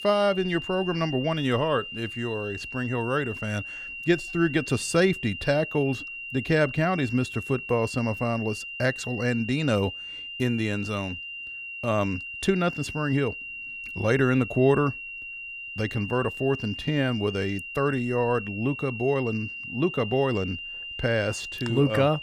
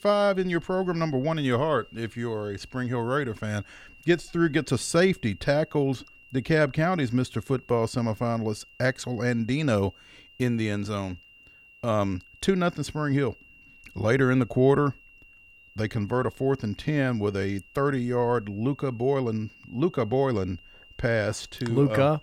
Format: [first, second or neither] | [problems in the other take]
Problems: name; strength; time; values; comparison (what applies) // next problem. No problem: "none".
second | high-pitched whine; loud; throughout; 3 kHz, 8 dB below the speech; faint in the second